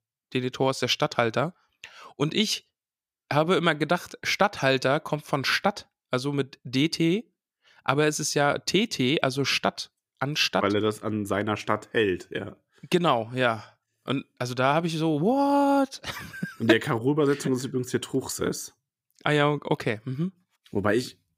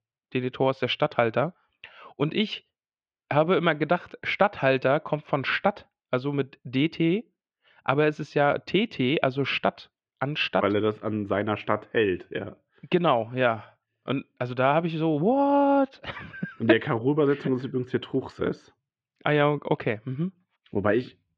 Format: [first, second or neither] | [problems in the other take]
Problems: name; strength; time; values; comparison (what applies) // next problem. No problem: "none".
first | muffled; very; fading above 3 kHz